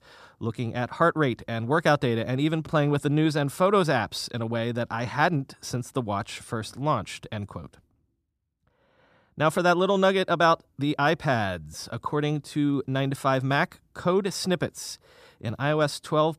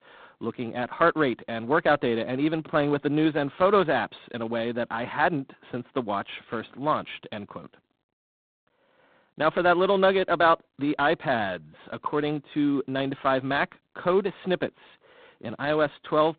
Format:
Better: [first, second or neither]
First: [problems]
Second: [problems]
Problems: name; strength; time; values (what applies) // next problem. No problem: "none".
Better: first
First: none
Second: phone-call audio; poor line; nothing above 4 kHz